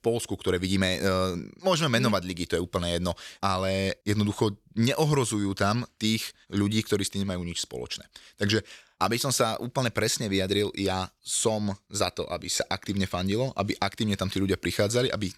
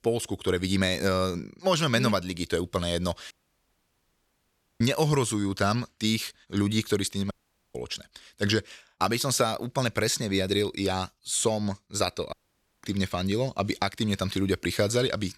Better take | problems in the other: first | audio cutting out; at 3.5 s for 1.5 s, at 7.5 s and at 12 s for 0.5 s

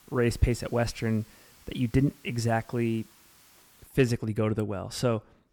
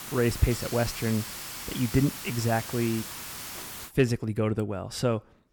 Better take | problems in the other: first | hiss; loud; until 4 s; 8 dB below the speech; faint in the first

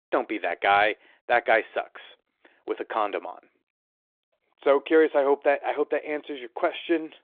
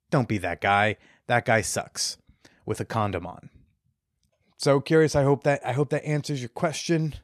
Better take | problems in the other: second | phone-call audio; nothing above 3.5 kHz

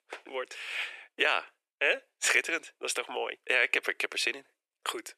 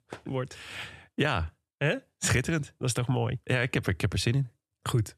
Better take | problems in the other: second | thin; very; fading below 400 Hz

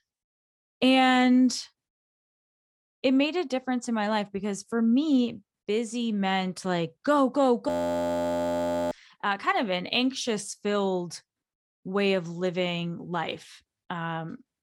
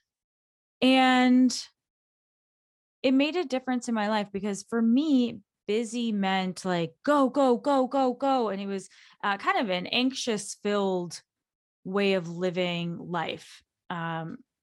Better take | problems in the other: second | audio freezing; at 7.5 s for 1 s

